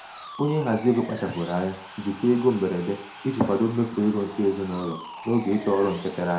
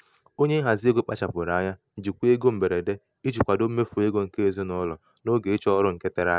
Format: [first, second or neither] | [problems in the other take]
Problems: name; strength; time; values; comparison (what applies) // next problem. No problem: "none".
second | background sound (Sawing); 16 dB below the speech // room echo; dies away in 0.4 s